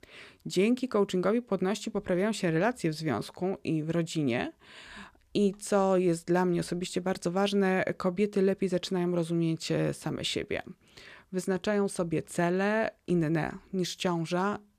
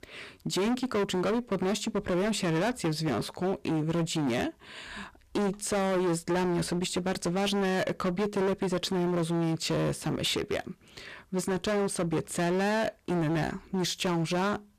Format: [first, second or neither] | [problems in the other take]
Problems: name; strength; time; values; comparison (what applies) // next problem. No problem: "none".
first | distortion; heavy; 23% of the sound clipped